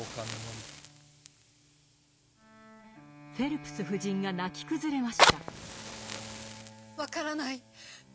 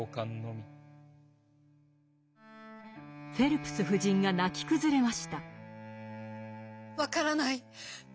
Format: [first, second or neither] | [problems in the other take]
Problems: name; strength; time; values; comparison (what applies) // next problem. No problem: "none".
second | background sound (Fire); 2 dB above the speech